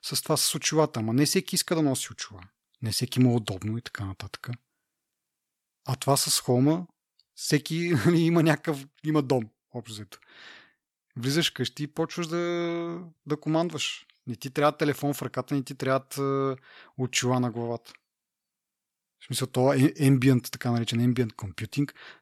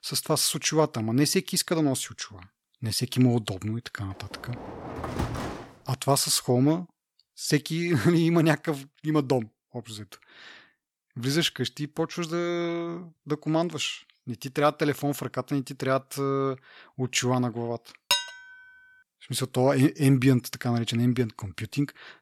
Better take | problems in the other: first | door banging; noticeable; from 4.5 to 5.5 s; peak 5 dB below the speech // clattering dishes; loud; at 18 s; peak 1 dB above the speech

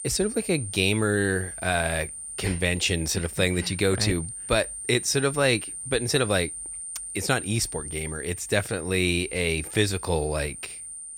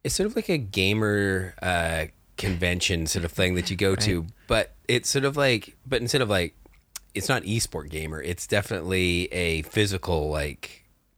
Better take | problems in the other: second | high-pitched whine; loud; throughout; 9 kHz, 9 dB below the speech

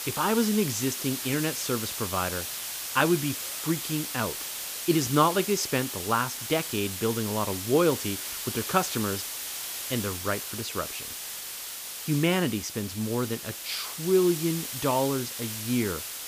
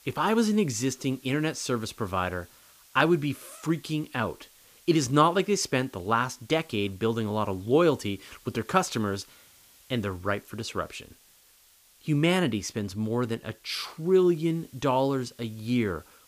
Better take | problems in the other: second | hiss; loud; throughout; 5 dB below the speech; faint in the second

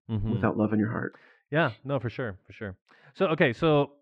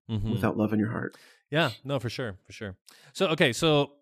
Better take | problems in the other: second | muffled; very; fading above 2 kHz

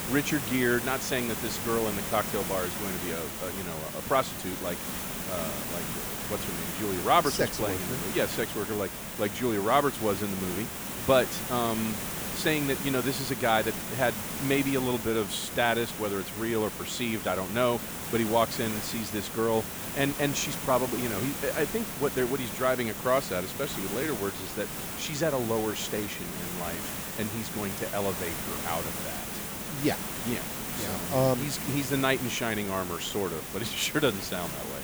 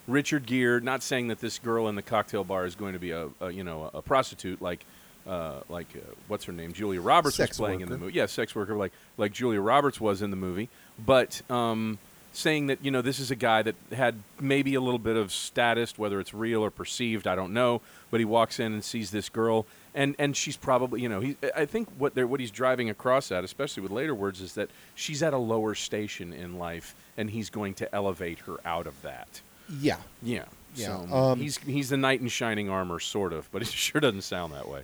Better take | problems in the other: second | hiss; loud; throughout; 4 dB below the speech; faint in the second

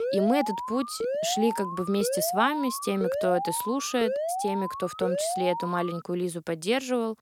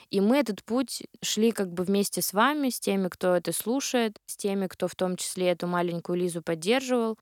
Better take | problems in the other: second | alarm; noticeable; until 6 s; peak 1 dB below the speech

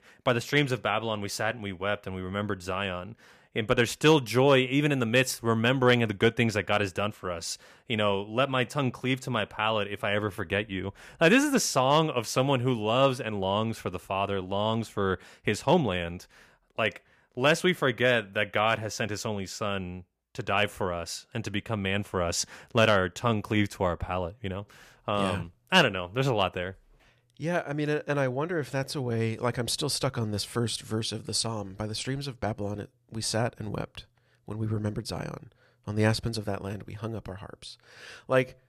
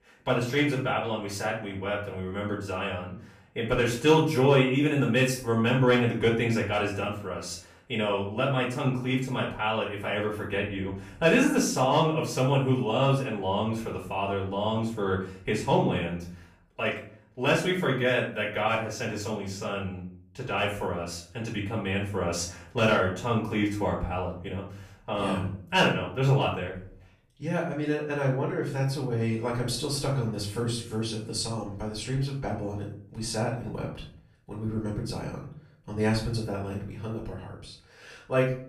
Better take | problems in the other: first | off-mic speech; far // room echo; noticeable; dies away in 0.5 s

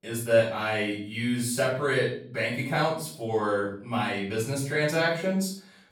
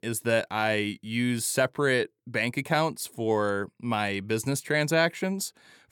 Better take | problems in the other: second | off-mic speech; far // room echo; noticeable; dies away in 0.5 s

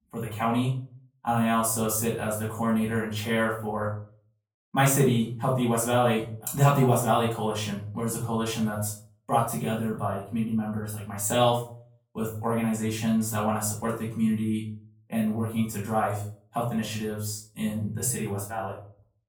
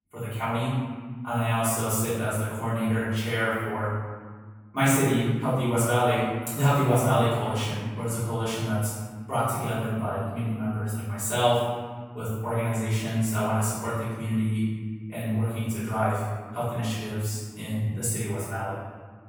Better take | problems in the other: first | room echo; strong; dies away in 1.5 s; slight in the first // off-mic speech; far; far in the first

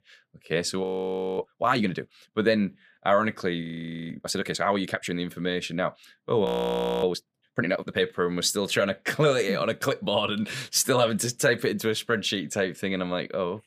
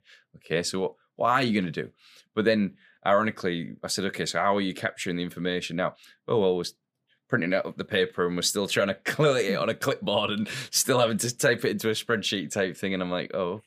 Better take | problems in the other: second | audio freezing; at 1 s for 0.5 s, at 3.5 s and at 6.5 s for 0.5 s

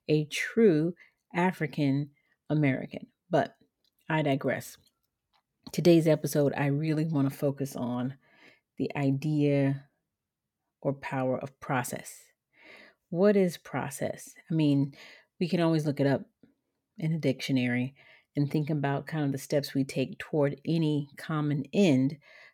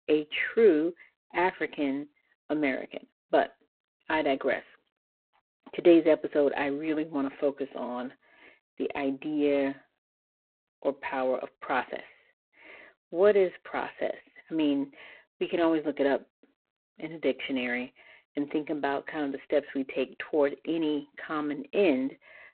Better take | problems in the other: first | phone-call audio; poor line

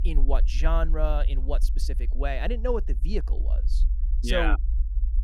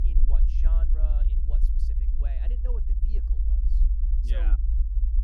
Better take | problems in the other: first | low rumble; loud; throughout; 1 dB below the speech; faint in the first

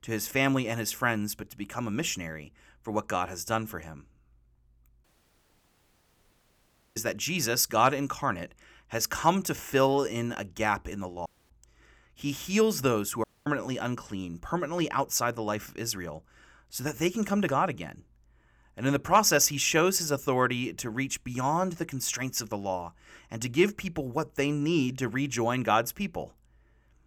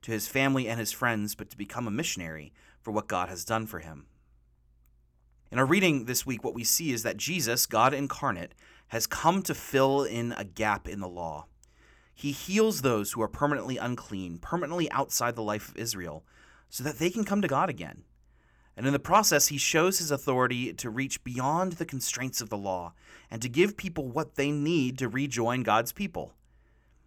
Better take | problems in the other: second | audio cutting out; at 5 s for 2 s, at 11 s and at 13 s

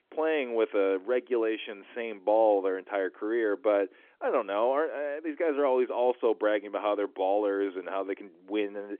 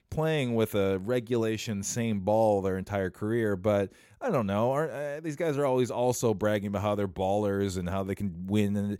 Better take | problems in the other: second | phone-call audio; nothing above 3.5 kHz

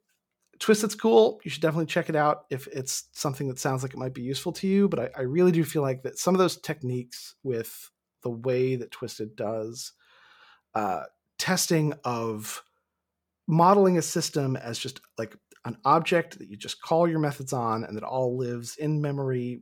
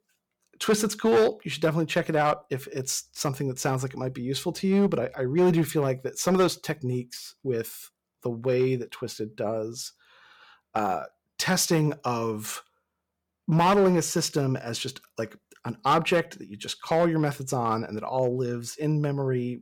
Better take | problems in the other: first | distortion; slight; 3% of the sound clipped

